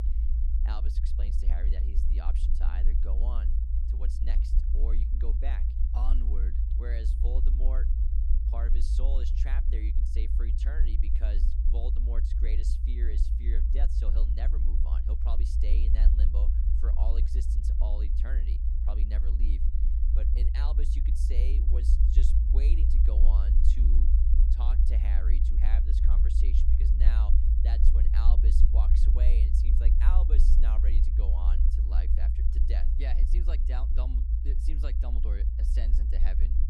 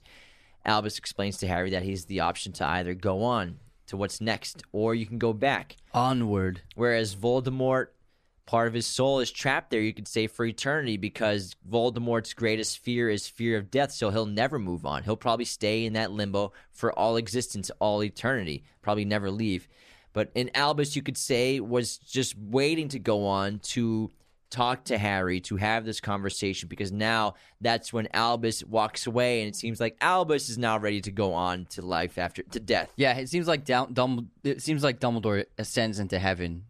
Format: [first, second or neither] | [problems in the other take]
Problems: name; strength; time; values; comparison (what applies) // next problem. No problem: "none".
second | low rumble; loud; throughout; 1 dB below the speech